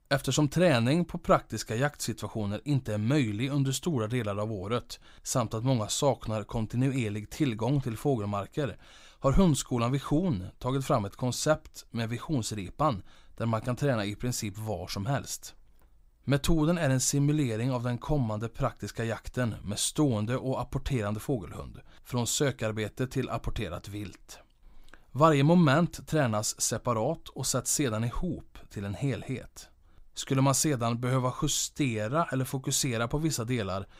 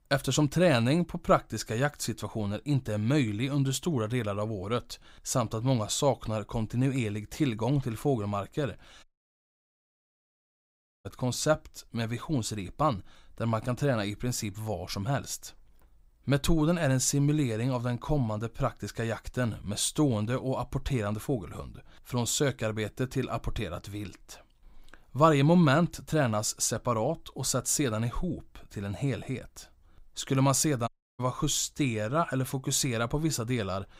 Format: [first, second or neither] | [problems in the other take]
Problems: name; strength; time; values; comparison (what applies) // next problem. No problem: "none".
first | audio cutting out; at 9 s for 2 s and at 31 s